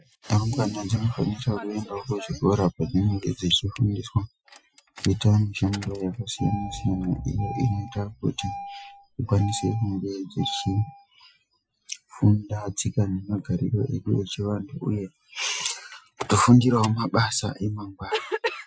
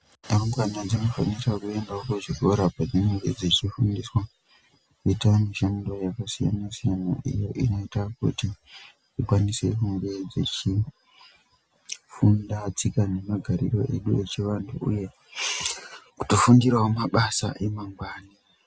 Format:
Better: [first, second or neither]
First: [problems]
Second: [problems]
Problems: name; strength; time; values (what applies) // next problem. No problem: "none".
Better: second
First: noise reduction (classical method Wiener filter)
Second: none